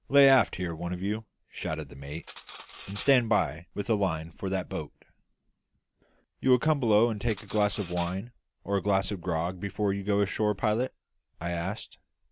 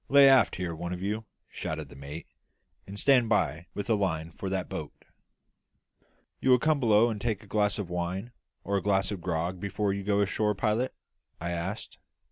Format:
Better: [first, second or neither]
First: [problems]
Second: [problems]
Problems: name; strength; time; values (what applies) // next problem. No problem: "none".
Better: second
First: background sound (Cutlery, silverware); 20 dB below the speech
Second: none